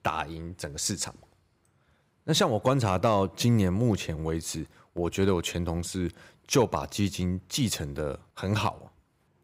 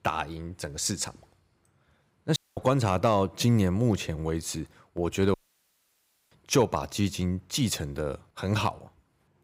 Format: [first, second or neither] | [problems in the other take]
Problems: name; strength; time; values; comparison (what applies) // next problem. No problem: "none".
first | audio cutting out; at 2.5 s and at 5.5 s for 1 s